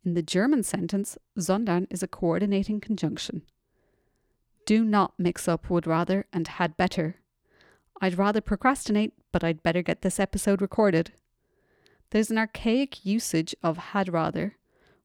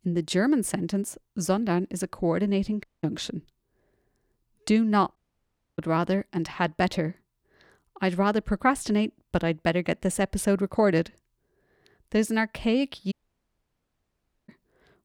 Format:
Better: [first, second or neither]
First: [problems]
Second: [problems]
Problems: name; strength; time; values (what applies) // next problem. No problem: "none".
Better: first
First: none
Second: audio cutting out; at 3 s, at 5 s for 0.5 s and at 13 s for 1.5 s